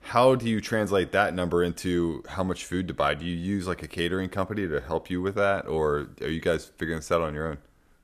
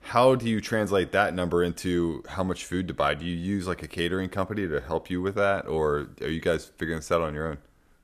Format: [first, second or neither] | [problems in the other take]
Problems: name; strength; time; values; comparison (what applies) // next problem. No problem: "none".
neither | none